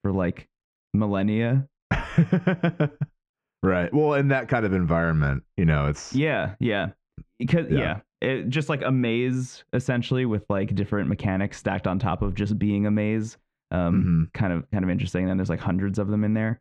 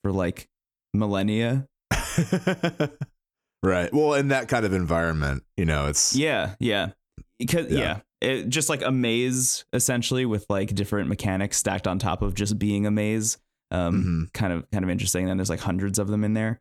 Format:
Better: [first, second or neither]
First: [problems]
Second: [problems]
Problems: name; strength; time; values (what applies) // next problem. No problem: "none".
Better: second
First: muffled; very; fading above 2 kHz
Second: none